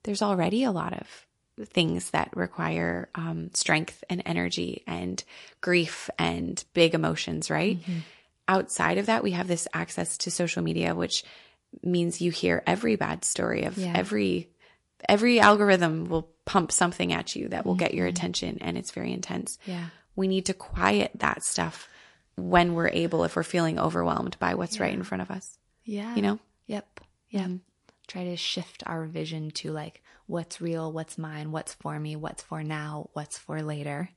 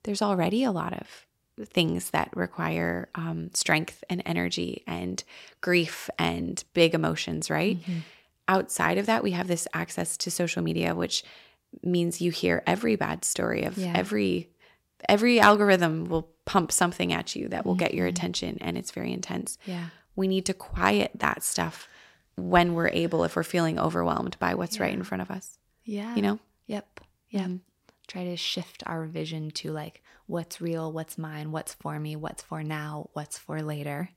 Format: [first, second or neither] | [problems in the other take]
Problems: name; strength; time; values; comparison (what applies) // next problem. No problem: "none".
second | garbled, watery; slightly